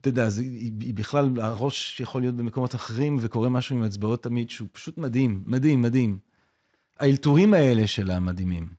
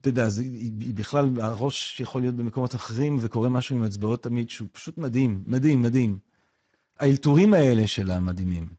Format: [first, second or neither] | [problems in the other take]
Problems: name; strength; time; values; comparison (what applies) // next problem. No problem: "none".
first | garbled, watery; badly; nothing above 7.5 kHz; slightly in the first